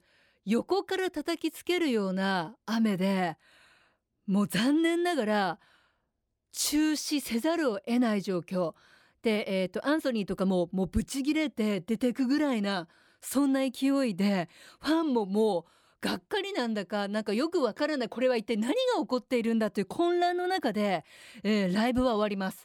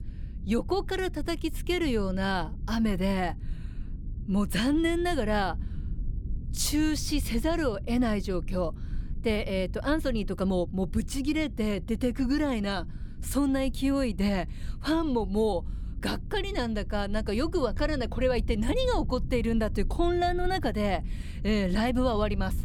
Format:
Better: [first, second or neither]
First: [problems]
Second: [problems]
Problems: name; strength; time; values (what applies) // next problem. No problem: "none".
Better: first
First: none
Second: low rumble; faint; throughout; 20 dB below the speech